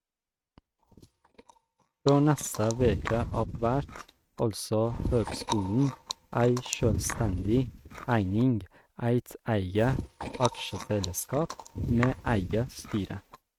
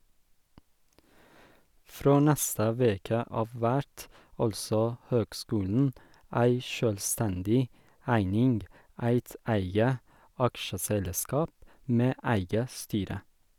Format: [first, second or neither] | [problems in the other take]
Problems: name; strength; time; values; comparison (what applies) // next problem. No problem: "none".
second | noise reduction (neural mask model RNNoise)